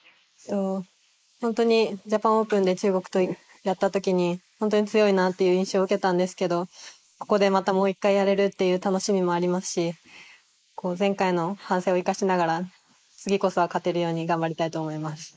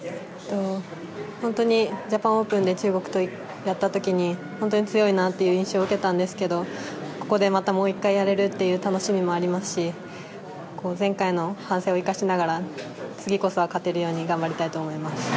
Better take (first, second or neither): second